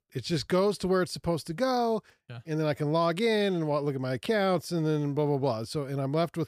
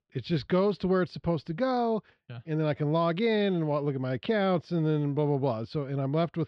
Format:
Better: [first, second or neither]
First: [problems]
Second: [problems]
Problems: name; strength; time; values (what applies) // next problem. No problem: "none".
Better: first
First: none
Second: muffled; very slightly; fading above 3.5 kHz